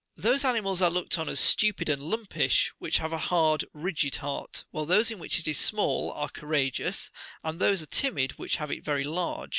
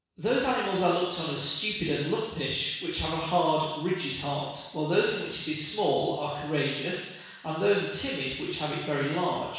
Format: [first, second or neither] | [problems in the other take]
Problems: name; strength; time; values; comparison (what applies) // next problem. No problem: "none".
first | room echo; dies away in 1.1 s